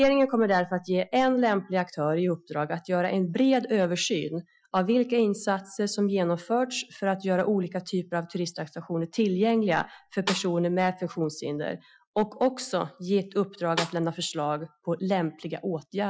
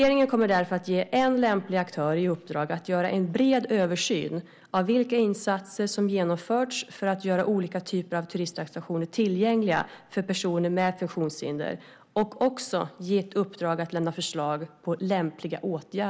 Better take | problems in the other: second | noise reduction (classical method Wiener filter)

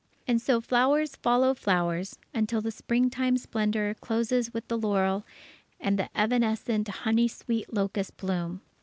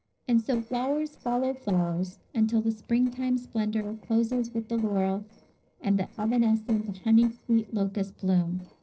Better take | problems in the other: first | noise reduction (neural separator model SepFormer DNS4)

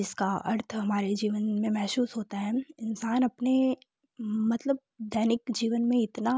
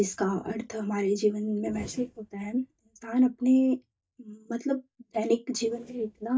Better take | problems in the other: first | noise reduction (neural mask model DeepFilterNet 3)

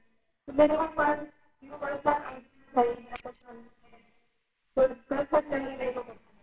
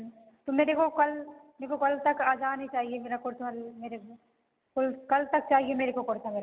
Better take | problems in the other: second | noise reduction (neural separator model SepFormer WHAMR!)

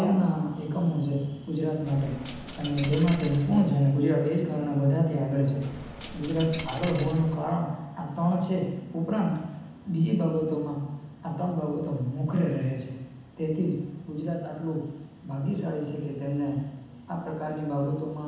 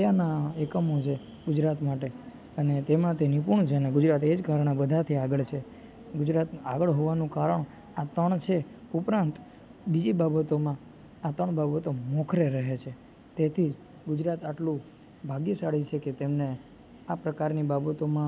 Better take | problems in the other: second | background sound (Coin (dropping)); 13 dB below the speech // room echo; dies away in 1.1 s

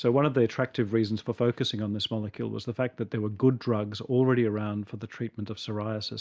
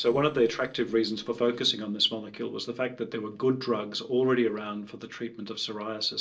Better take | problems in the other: first | noise reduction (neural separator model SepFormer DNS4)

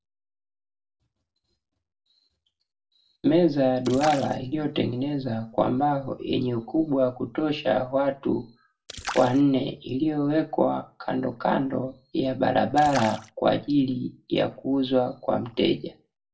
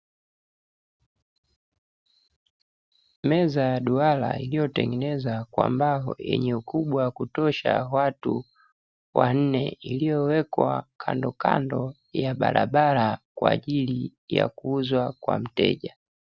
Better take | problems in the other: second | background sound (Splash, splatter); 15 dB below the speech // room echo; dies away in 0.2 s

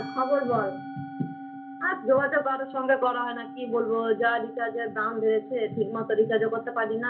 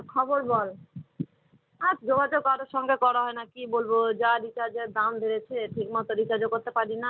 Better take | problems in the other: second | background sound (Musical instrument); 13 dB below the speech // room echo; dies away in 0.3 s

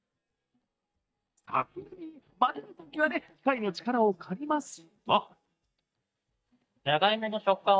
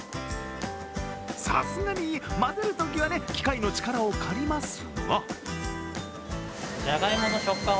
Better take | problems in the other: second | noise reduction (neural mask model DeepFilterNet 3)

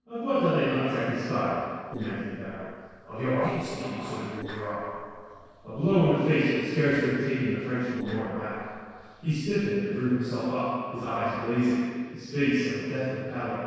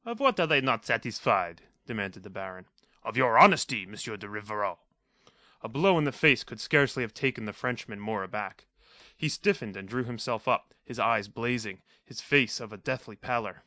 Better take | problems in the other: second | noise reduction (neural separator model SepFormer DNS4)

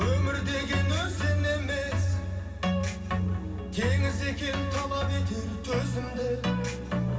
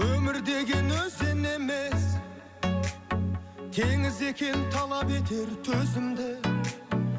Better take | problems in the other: second | background sound (Musical instrument); 12 dB below the speech // room echo; dies away in 2.5 s

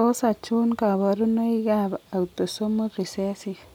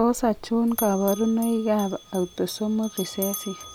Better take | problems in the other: first | background sound (Bell); 14 dB below the speech

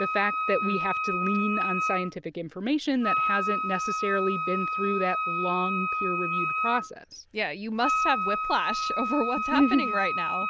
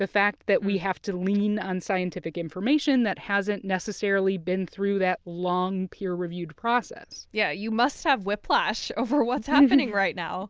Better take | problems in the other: second | background sound (Wind instrument, woodwind instrument); as loud as the speech

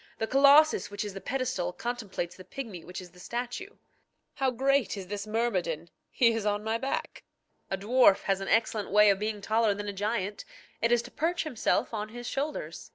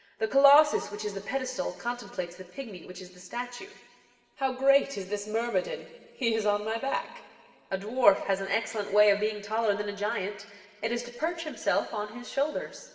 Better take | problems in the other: first | room echo; dies away in 1.8 s

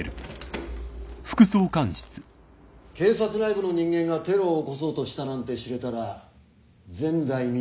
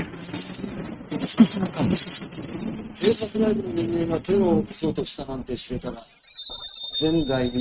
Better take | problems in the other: first | noise reduction (neural mask model RNNoise)

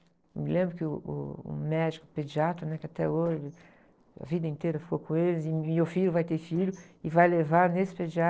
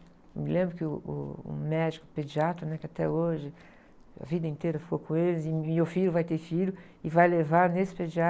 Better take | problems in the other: second | noise reduction (neural separator model SepFormer DNS4)

